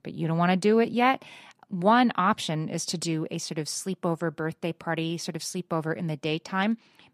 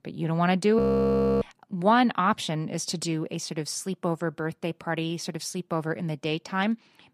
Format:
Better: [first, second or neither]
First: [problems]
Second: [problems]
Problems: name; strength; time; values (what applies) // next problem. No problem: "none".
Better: first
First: none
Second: audio freezing; at 1 s for 0.5 s